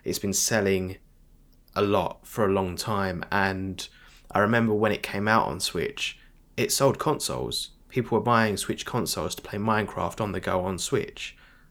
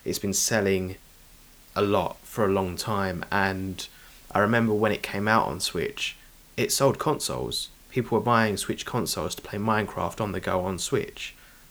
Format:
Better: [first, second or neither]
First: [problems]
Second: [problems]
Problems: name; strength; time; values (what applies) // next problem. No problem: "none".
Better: first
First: none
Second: hiss; faint; throughout; 25 dB below the speech